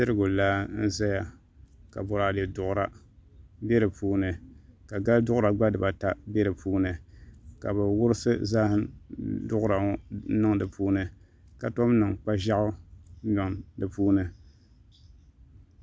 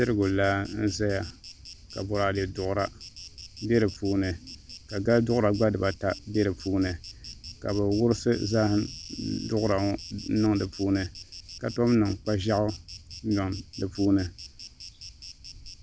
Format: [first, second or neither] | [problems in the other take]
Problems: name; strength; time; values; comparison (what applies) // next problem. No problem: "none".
first | background sound (Insect); 17 dB below the speech